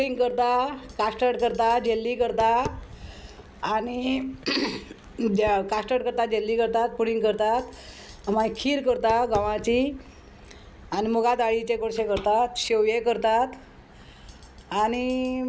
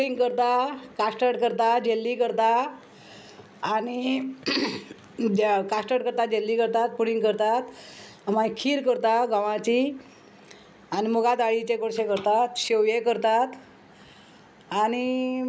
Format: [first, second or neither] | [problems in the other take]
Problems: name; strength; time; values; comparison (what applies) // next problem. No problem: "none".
second | background sound (Tap); 19 dB below the speech